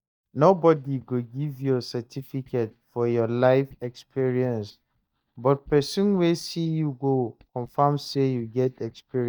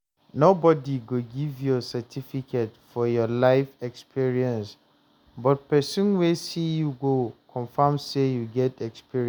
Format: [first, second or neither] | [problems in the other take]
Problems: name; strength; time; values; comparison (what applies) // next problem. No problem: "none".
second | noise reduction (neural mask model DeepFilterNet 3)